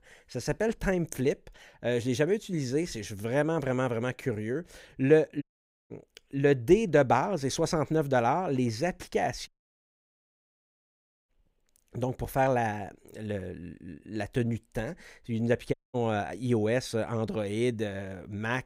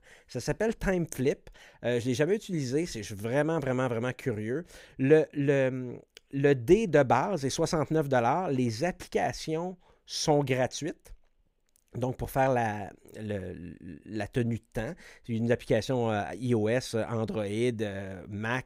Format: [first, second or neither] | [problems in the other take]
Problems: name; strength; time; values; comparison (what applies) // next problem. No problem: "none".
second | audio cutting out; at 5.5 s, at 9.5 s for 2 s and at 16 s